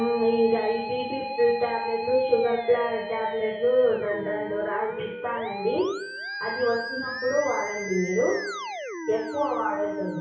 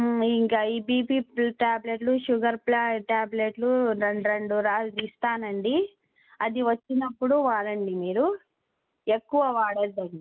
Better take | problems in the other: second | background sound (Musical instrument); 8 dB below the speech // room echo; dies away in 0.6 s

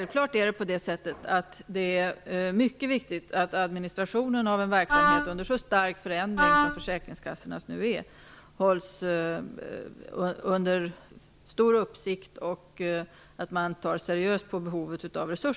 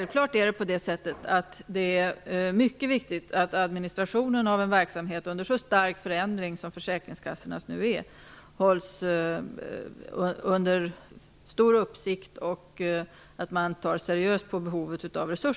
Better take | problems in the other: second | background sound (Wind instrument, woodwind instrument); 3 dB above the speech

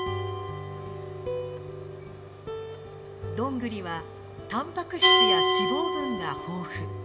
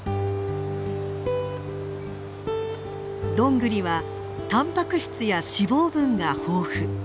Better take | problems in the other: second | background sound (Glass); 5 dB above the speech // room echo; dies away in 1 s

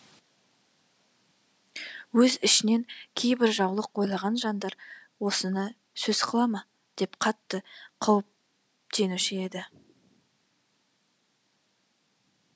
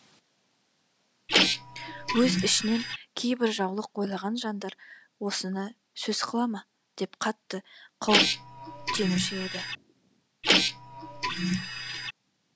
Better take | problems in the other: first | background sound (Printer); 4 dB above the speech

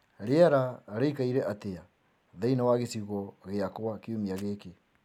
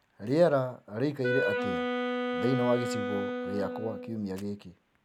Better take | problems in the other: first | background sound (Wind instrument, woodwind instrument); 1 dB below the speech

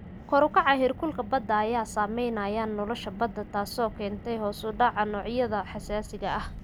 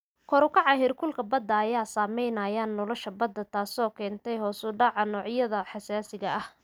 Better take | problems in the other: second | background sound (Car); 14 dB below the speech

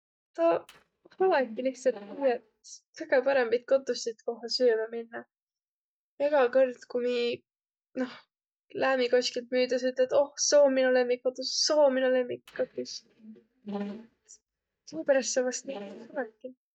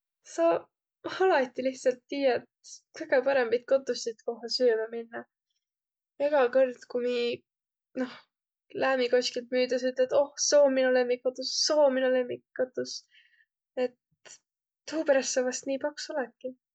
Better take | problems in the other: second | noise reduction (neural mask model DeepFilterNet 3)

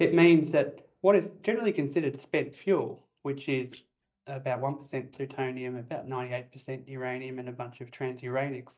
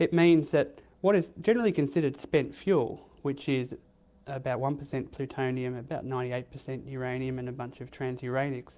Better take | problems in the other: second | noise reduction (neural mask model DeepFilterNet 3)

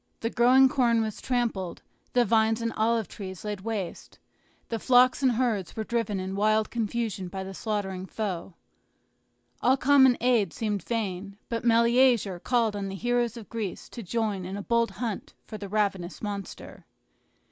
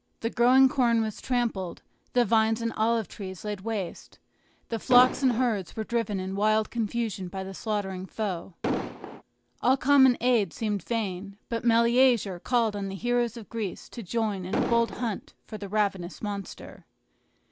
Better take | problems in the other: first | background sound (Explosion); 3 dB below the speech

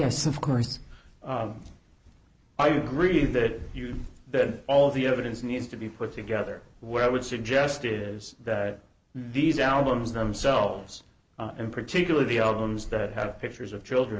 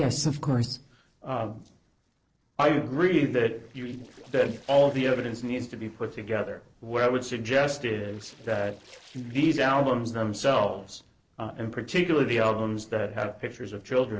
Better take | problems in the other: first | noise reduction (neural separator model SepFormer DNS4)

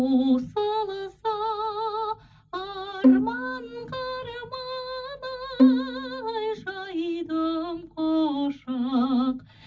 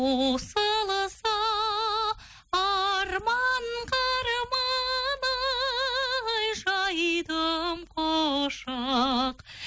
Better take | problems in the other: second | background sound (Bowed string instrument); 4 dB above the speech // room echo; dies away in 0.4 s

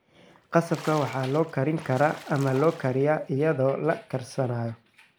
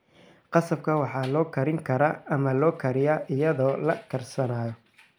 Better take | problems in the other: second | background sound (Splash, splatter); 19 dB below the speech

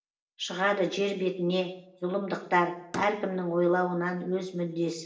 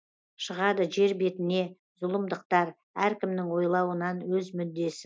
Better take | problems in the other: second | noise reduction (neural separator model SepFormer DNS4)

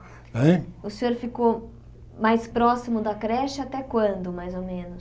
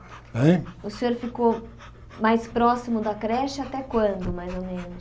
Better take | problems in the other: first | background sound (Dog / Breathing); 18 dB below the speech

